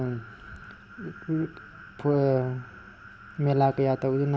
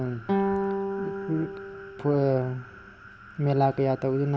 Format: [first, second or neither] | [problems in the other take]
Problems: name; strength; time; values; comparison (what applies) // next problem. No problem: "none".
first | background sound (Guitar); 5 dB below the speech